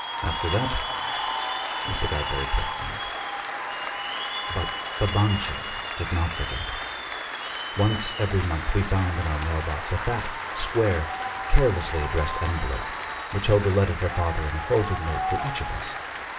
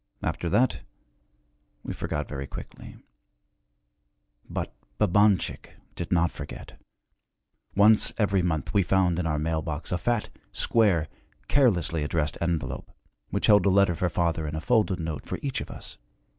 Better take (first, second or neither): second